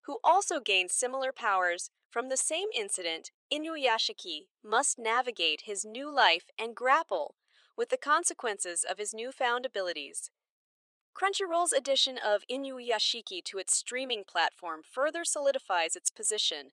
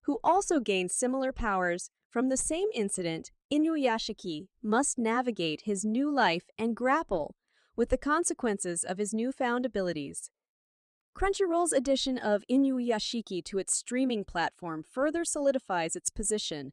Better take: second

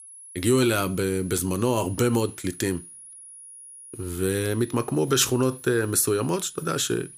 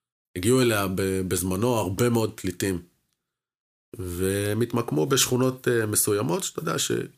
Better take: second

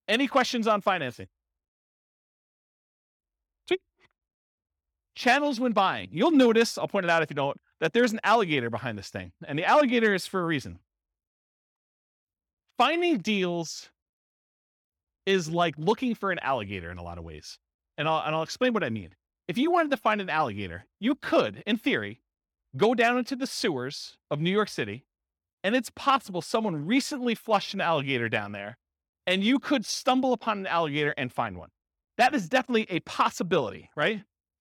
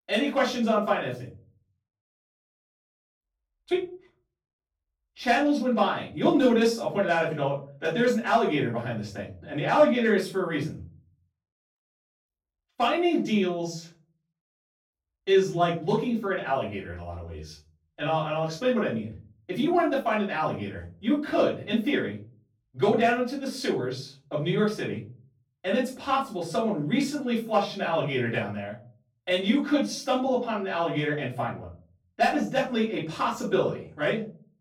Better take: first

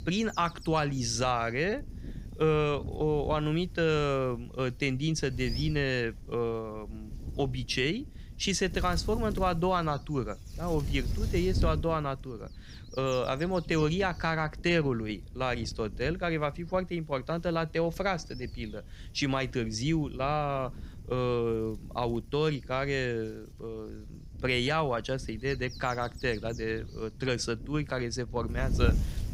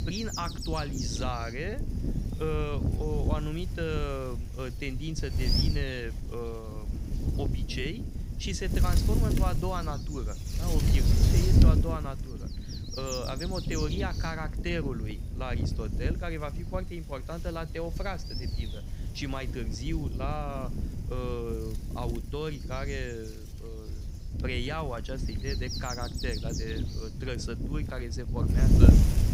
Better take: first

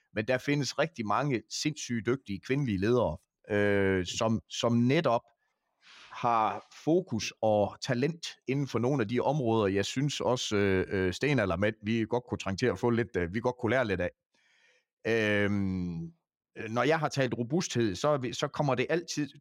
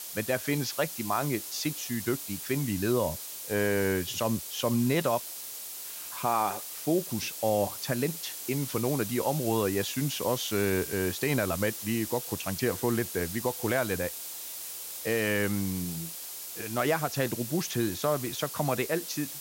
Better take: first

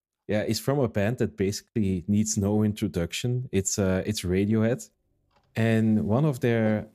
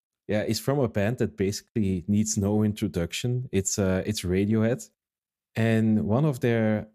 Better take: second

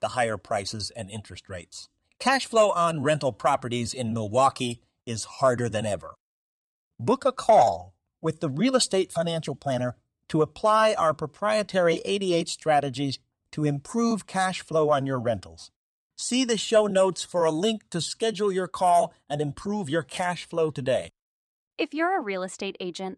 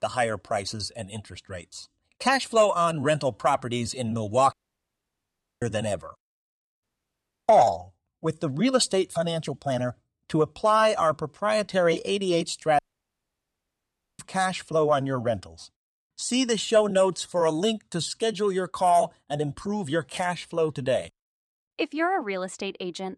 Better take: first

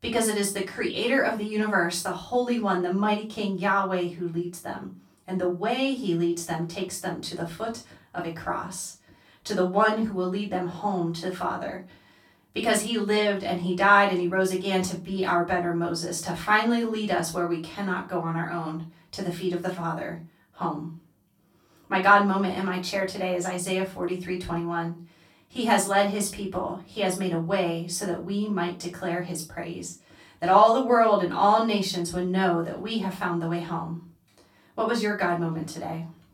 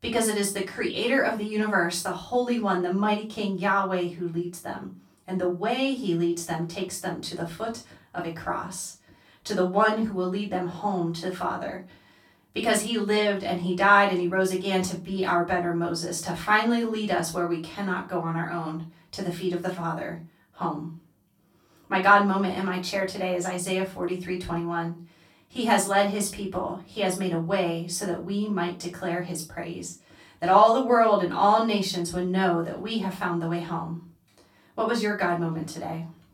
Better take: neither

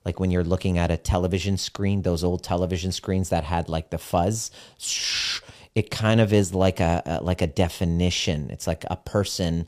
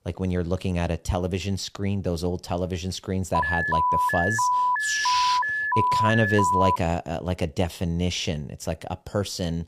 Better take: first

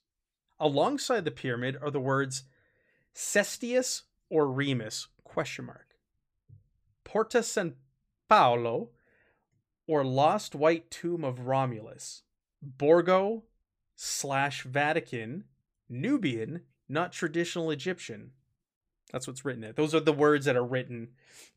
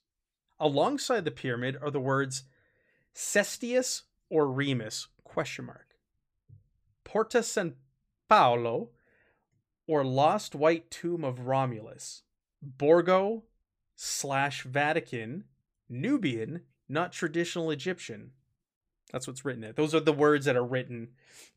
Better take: neither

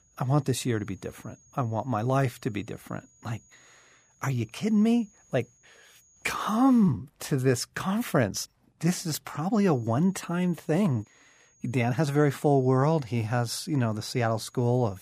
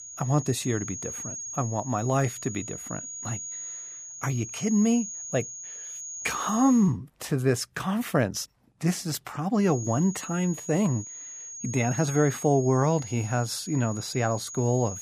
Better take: first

